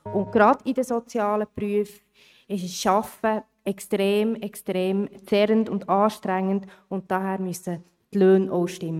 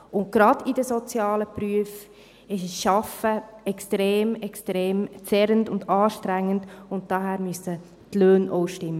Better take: second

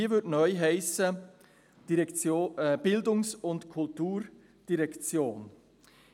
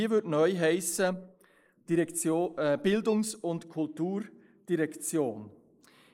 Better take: first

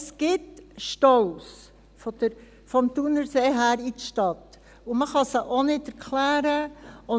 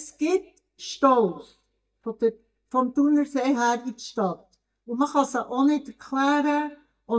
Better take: first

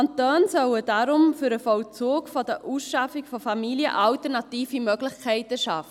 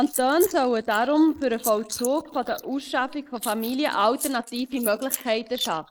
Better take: first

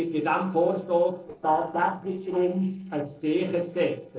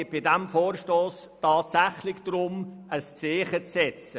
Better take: second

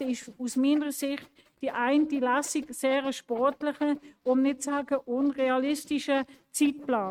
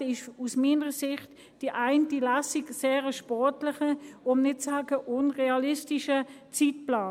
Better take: second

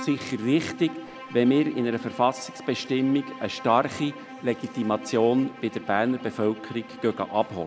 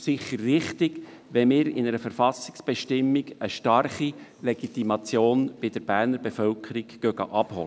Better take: second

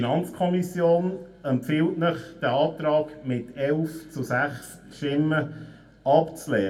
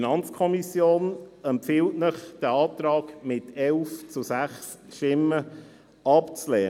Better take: second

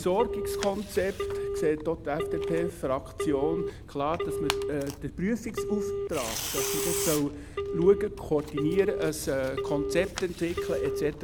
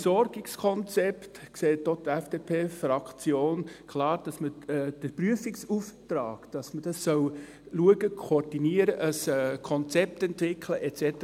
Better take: second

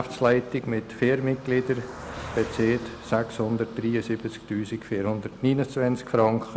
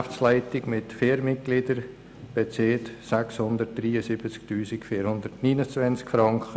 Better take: second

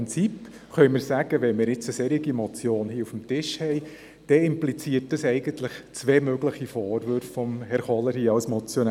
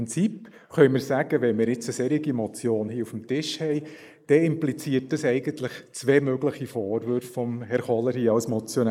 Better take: first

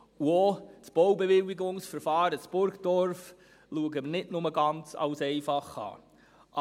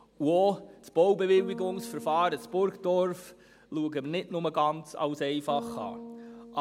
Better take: first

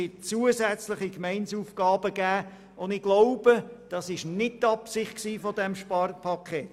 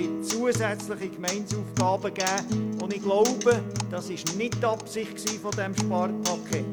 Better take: first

